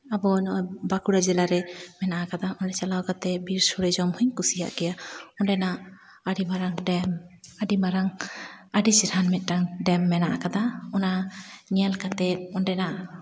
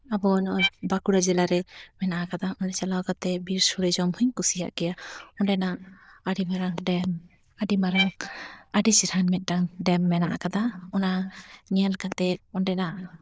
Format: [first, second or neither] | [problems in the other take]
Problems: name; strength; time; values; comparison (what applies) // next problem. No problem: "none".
first | noise reduction (neural diffusion model UNIVERSE++)